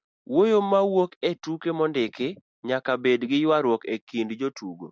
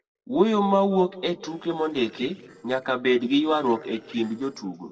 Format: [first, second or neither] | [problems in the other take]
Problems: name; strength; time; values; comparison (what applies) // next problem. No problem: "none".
first | noise reduction (neural separator model SepFormer DNS4)